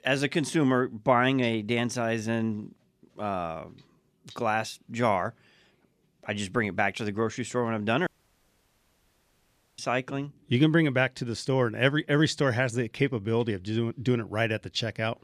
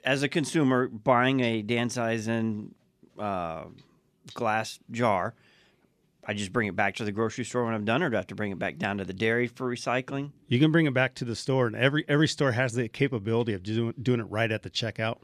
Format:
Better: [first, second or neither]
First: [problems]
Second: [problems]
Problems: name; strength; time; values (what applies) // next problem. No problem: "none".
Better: second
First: audio cutting out; at 8 s for 1.5 s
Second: none